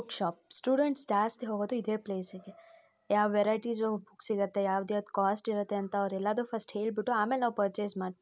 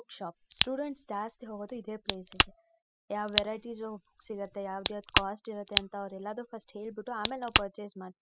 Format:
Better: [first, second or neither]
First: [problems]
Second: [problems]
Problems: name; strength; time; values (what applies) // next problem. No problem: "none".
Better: first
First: none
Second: noise reduction (classical method spectral subtraction)